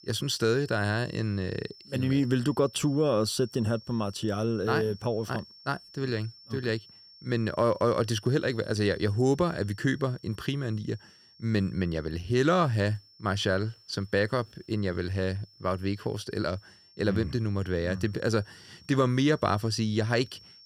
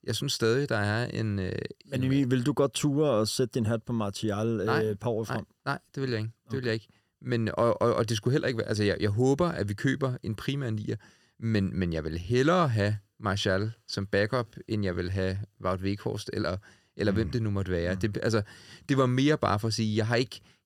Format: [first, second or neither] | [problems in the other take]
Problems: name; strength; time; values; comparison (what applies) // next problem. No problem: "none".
second | high-pitched whine; faint; throughout; 5.5 kHz, 25 dB below the speech